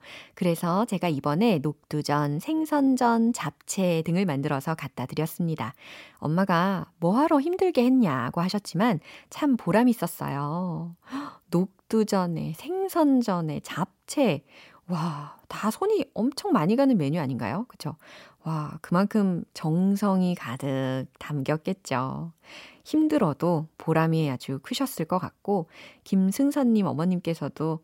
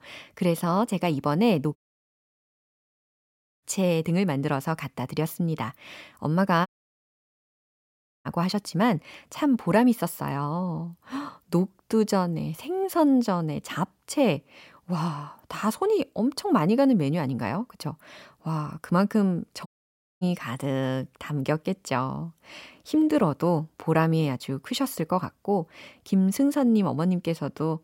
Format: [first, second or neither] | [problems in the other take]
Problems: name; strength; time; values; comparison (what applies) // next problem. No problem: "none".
first | audio cutting out; at 2 s for 2 s, at 6.5 s for 1.5 s and at 20 s for 0.5 s